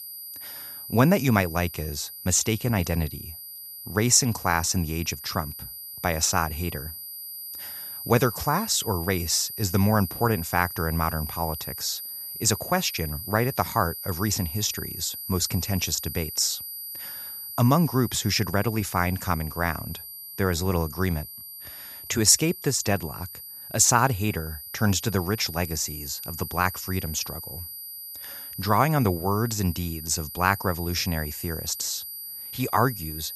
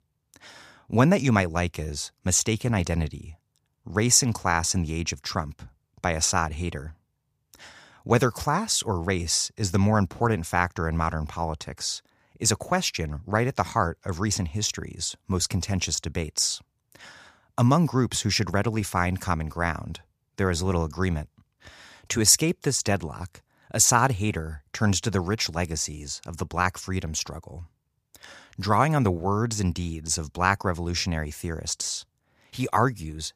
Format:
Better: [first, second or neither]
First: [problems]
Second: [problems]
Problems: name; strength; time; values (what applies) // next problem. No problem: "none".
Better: second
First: high-pitched whine; loud; throughout; 12 kHz, 10 dB below the speech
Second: none